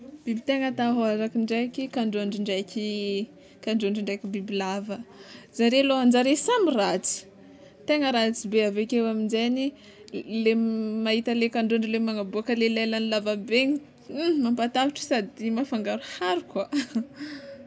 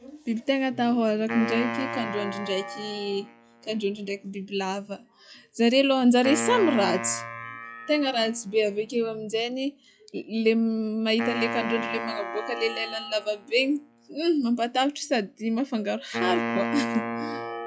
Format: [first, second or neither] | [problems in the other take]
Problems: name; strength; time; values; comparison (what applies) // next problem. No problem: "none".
first | noise reduction (classical method log-MMSE)